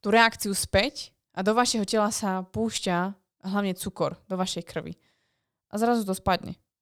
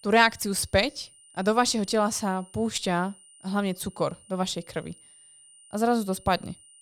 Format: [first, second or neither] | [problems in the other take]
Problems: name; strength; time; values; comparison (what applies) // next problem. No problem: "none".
first | high-pitched whine; faint; throughout; 9 kHz, 25 dB below the speech